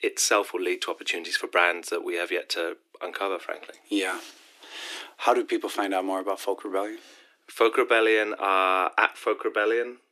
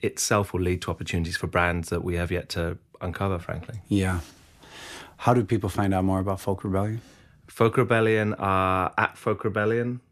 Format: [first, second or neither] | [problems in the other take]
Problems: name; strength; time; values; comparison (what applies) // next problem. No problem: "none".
second | thin; very; fading below 300 Hz